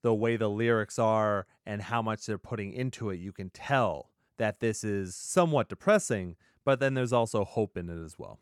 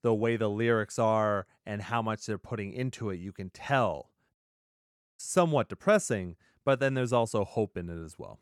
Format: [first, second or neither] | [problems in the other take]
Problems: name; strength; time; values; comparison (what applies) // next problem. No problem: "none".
first | audio cutting out; at 4.5 s for 1 s